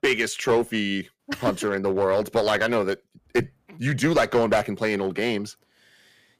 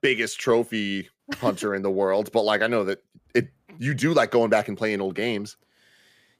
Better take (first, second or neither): second